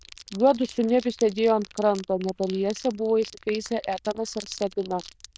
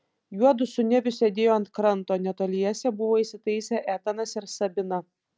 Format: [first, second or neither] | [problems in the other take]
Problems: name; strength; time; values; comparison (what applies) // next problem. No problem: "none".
second | noise reduction (neural diffusion model UNIVERSE++)